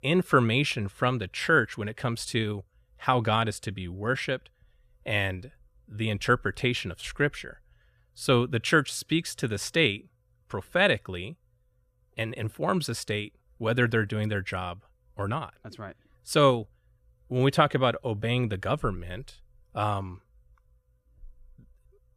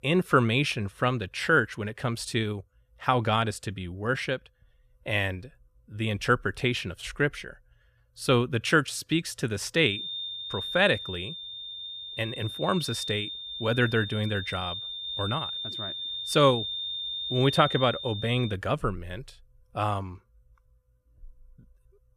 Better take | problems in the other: first | high-pitched whine; loud; from 10 to 19 s; 3.5 kHz, 6 dB below the speech

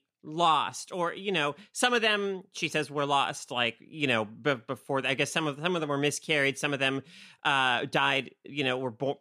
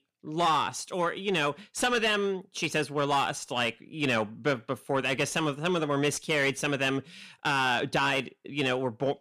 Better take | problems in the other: first | distortion; slight; 10 dB below the speech

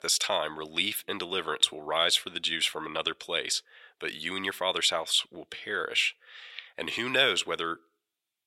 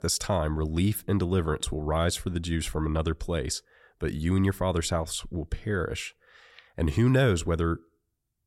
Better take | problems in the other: second | thin; very; fading below 550 Hz

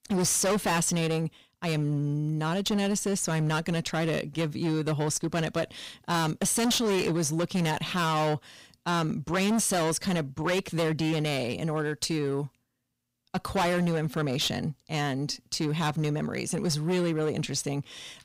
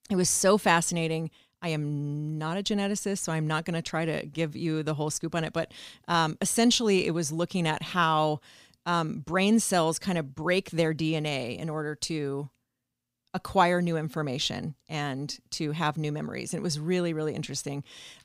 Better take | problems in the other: second | distortion; heavy; 16% of the sound clipped

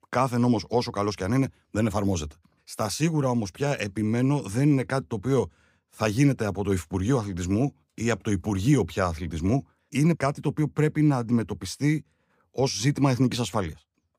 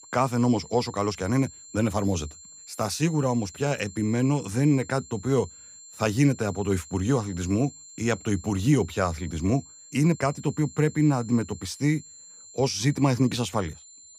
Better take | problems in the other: first | high-pitched whine; noticeable; throughout; 7.5 kHz, 20 dB below the speech

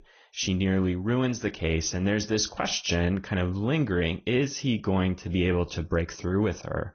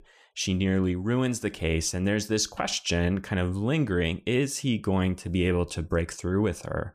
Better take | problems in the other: second | garbled, watery; slightly; nothing above 6.5 kHz

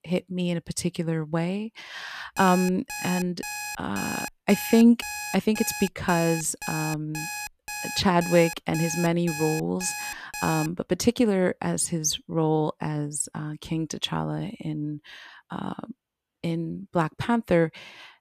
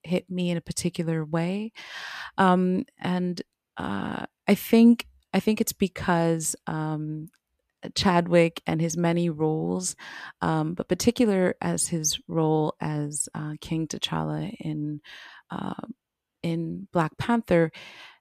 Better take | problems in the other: second | alarm; noticeable; from 2.5 to 11 s; peak 6 dB below the speech

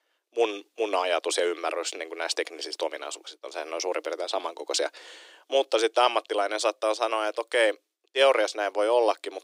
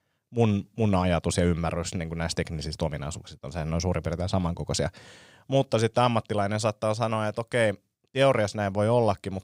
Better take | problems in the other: second | thin; very; fading below 300 Hz

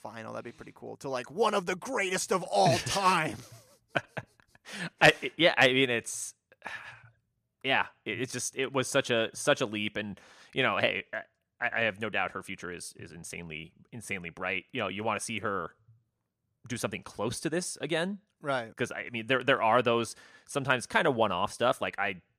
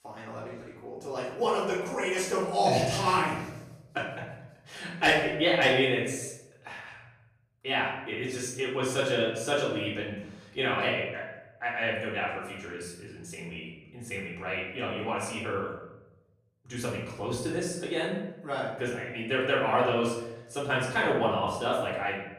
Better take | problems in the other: first | room echo; noticeable; dies away in 0.8 s // off-mic speech; far

